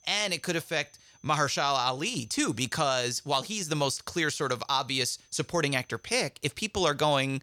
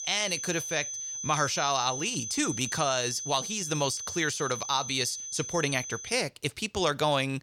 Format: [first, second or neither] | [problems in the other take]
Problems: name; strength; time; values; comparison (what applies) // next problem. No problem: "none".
first | high-pitched whine; loud; until 6 s; 6 kHz, 5 dB below the speech; faint in the first